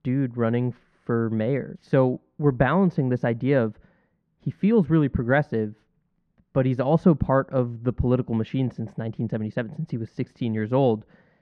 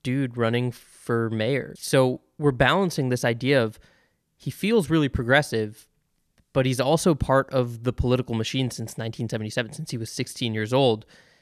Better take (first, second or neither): second